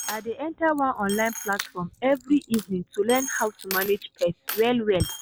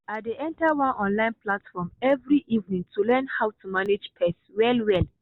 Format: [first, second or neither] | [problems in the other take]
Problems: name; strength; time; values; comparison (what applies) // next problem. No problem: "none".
second | background sound (Coin (dropping) + Coin (dropping)); 12 dB below the speech